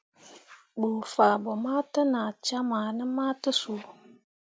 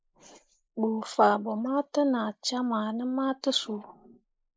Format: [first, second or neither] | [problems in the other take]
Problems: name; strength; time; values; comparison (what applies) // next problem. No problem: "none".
first | noise reduction (neural mask model Resemble Enhance denoiser)